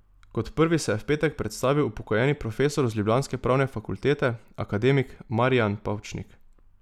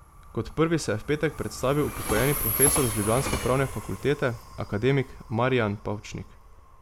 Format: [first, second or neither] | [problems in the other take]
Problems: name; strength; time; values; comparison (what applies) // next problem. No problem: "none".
first | background sound (Train); 6 dB below the speech